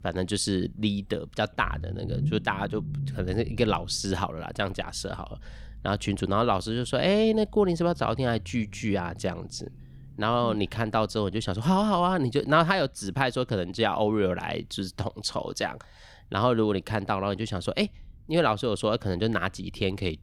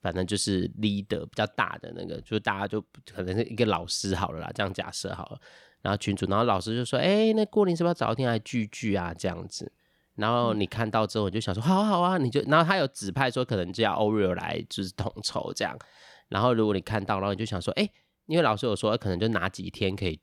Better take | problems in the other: second | low rumble; faint; throughout; 25 dB below the speech

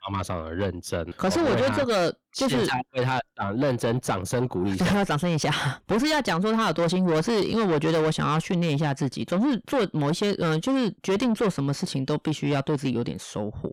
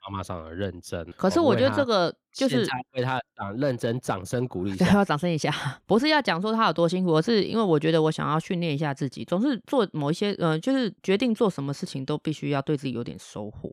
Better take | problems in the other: second | distortion; heavy; 7 dB below the speech

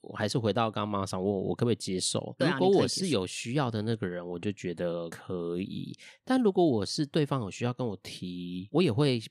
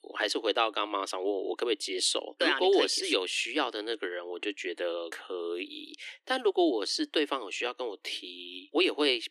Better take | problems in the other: first | thin; somewhat; fading below 300 Hz

